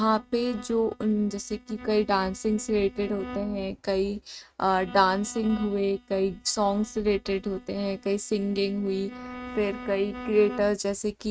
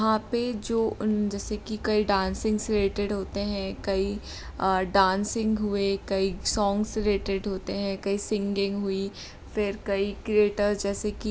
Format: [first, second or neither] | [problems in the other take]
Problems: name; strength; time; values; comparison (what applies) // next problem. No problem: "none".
second | noise reduction (neural mask model RNNoise)